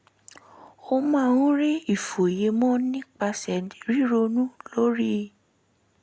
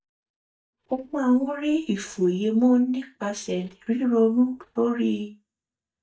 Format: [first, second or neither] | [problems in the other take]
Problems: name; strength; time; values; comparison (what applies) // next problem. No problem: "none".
first | noise reduction (neural mask model DeepFilterNet 3)